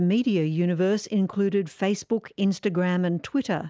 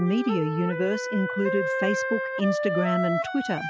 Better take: first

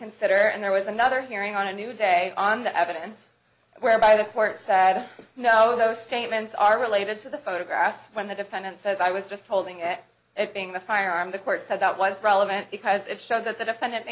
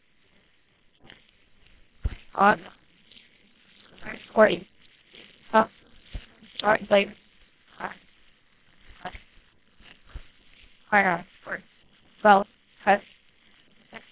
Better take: first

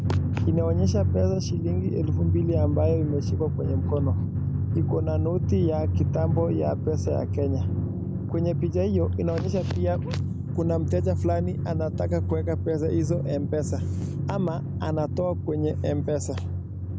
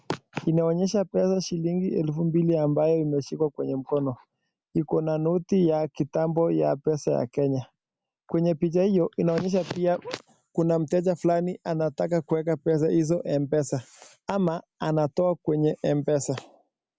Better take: second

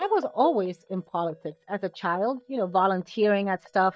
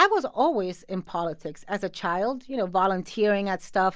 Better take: second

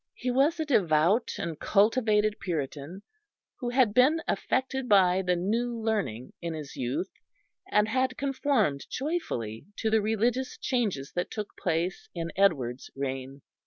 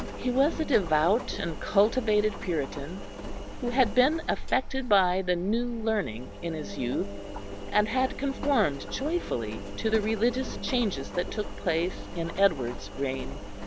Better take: first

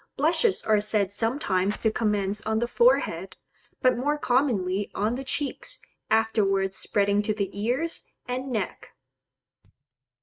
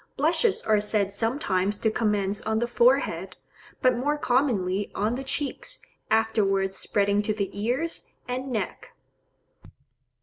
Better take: second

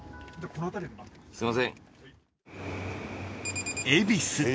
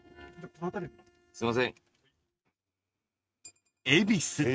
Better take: first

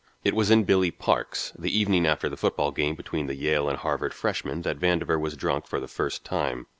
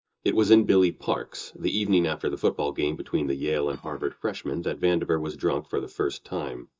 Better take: first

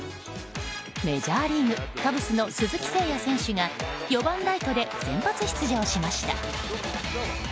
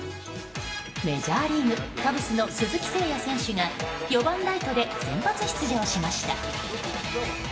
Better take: first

